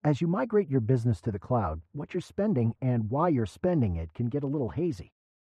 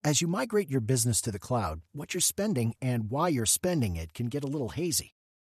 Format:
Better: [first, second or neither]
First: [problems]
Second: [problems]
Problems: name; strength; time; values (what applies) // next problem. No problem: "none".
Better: second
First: muffled; very; fading above 4 kHz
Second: none